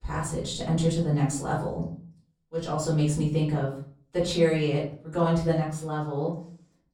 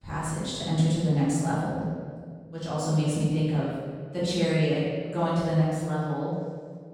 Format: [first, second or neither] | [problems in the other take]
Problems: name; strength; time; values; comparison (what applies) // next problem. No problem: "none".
first | room echo; strong; dies away in 1.6 s; slight in the first // off-mic speech; far; far in the first